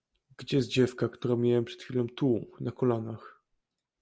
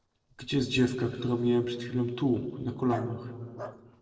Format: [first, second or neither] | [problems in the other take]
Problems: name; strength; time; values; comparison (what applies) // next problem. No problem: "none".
first | noise reduction (neural separator model SepFormer DNS4)